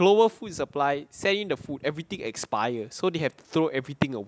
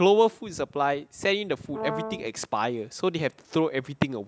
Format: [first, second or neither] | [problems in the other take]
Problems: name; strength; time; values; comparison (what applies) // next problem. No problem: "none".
first | background sound (Brass instrument); 9 dB below the speech